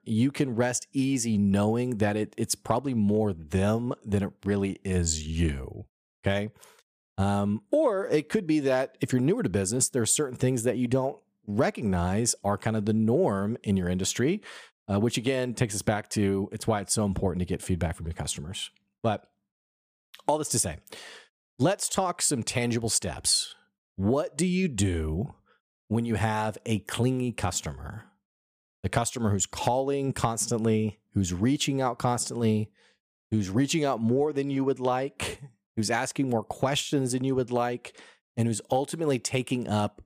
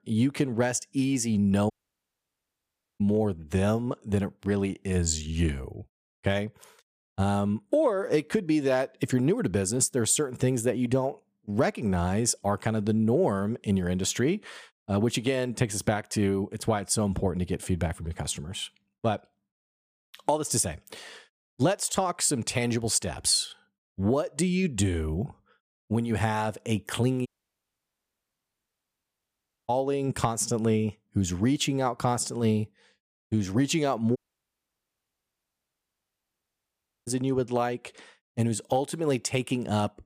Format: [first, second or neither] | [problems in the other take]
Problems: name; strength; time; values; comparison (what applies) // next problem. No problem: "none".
first | audio cutting out; at 1.5 s for 1.5 s, at 27 s for 2.5 s and at 34 s for 3 s